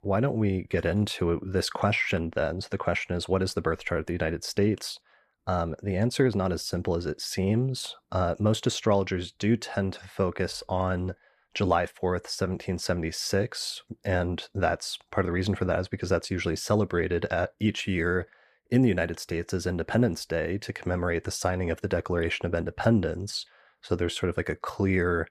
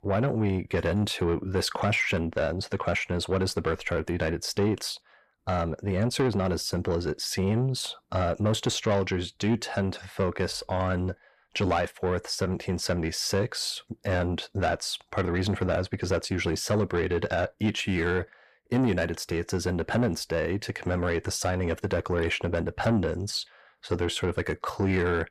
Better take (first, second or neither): first